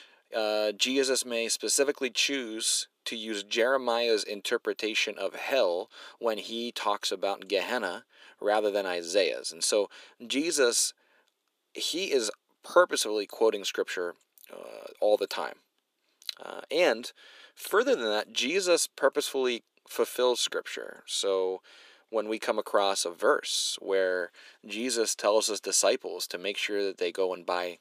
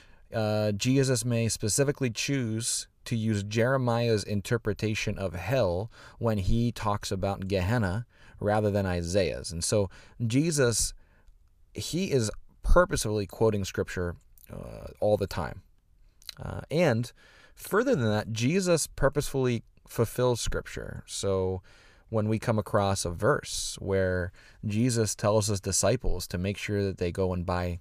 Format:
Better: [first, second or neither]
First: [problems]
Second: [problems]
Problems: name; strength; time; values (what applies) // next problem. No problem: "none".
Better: second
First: thin; somewhat; fading below 300 Hz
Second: none